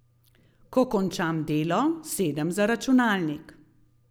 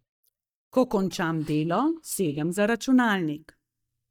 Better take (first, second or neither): first